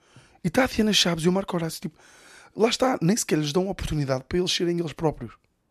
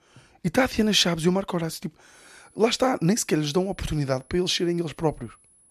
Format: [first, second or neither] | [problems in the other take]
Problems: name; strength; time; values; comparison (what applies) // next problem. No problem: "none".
first | high-pitched whine; faint; from 2 s on; 10 kHz, 30 dB below the speech